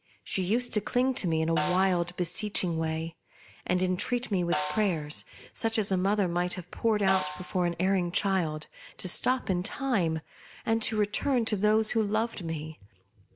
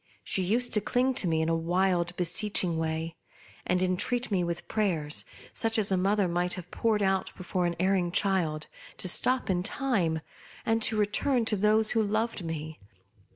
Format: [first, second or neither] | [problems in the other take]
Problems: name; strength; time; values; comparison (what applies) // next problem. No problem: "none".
second | background sound (Snare drum); 11 dB below the speech